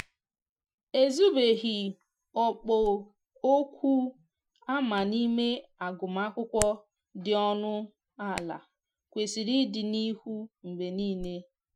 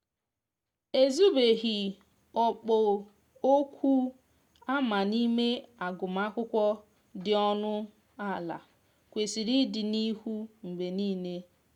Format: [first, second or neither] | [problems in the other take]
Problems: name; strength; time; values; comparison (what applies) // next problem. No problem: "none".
second | noise reduction (classical method Wiener filter)